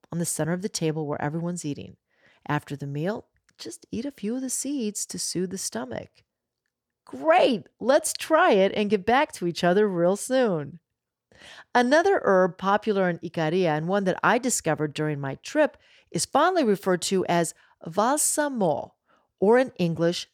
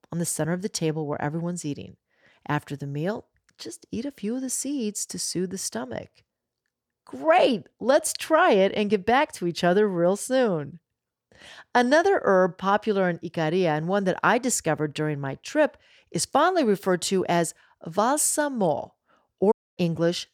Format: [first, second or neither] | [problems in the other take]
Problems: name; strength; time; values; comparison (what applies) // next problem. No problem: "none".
first | audio cutting out; at 20 s